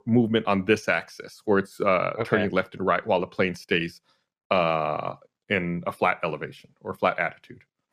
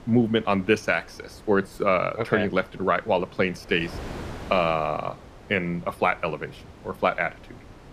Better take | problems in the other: first | wind noise on the microphone; occasional gusts; 20 dB below the speech

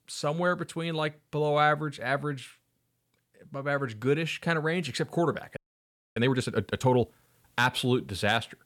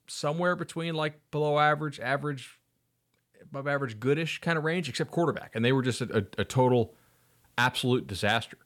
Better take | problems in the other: second | audio freezing; at 5.5 s for 0.5 s

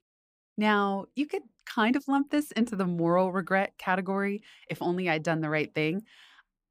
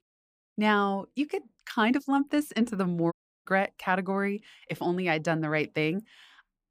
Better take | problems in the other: first | audio cutting out; at 3 s

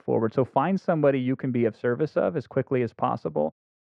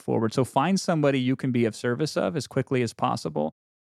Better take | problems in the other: second | muffled; very; fading above 2 kHz

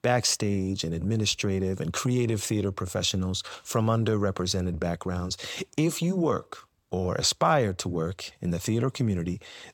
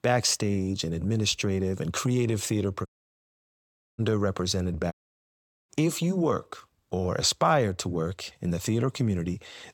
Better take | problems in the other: first | audio cutting out; at 3 s for 1 s and at 5 s for 1 s

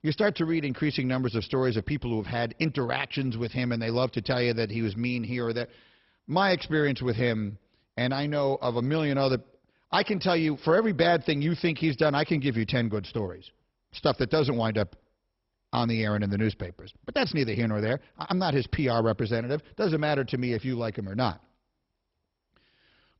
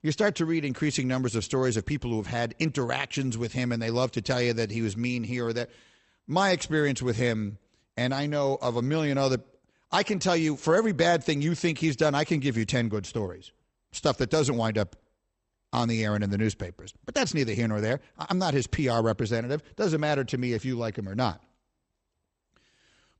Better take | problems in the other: second | garbled, watery; badly; nothing above 5.5 kHz; slightly in the second

